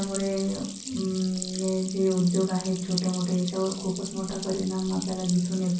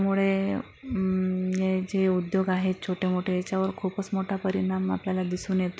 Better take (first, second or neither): second